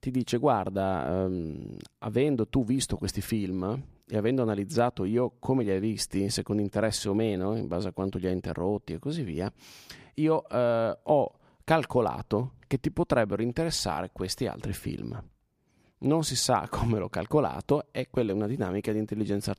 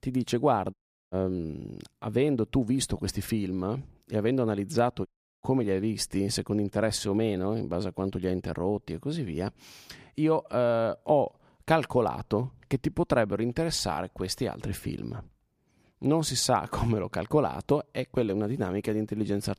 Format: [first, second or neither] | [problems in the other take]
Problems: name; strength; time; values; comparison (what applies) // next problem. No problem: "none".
first | audio cutting out; at 0.5 s and at 5 s